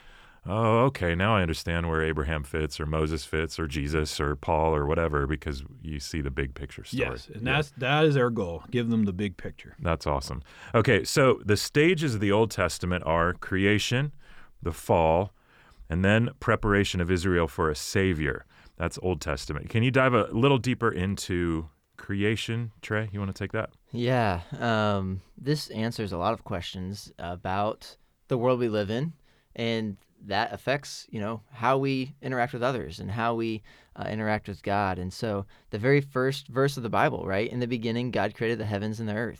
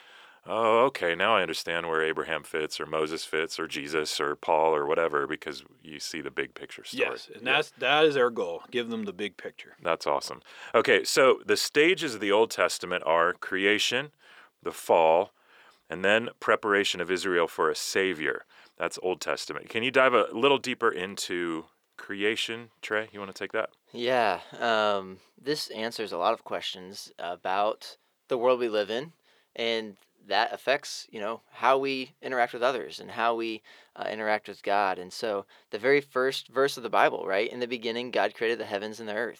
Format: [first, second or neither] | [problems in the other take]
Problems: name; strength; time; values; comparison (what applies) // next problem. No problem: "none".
first | thin; somewhat; fading below 450 Hz